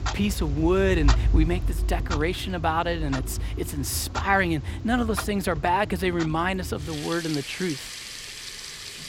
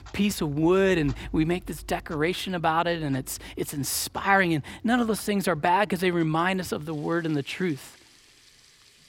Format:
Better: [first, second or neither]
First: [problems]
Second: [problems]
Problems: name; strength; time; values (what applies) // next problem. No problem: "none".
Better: second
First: household noises; loud; throughout; 5 dB below the speech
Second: household noises; faint; throughout; 25 dB below the speech